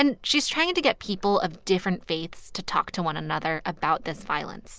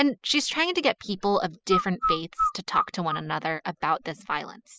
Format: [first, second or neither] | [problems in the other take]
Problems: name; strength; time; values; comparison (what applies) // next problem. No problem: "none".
first | noise reduction (classical method spectral subtraction)